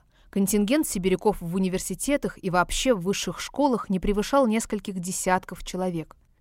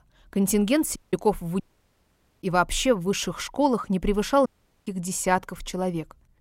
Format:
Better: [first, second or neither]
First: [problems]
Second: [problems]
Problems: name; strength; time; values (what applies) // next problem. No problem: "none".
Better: first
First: none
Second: audio cutting out; at 1 s, at 1.5 s for 1 s and at 4.5 s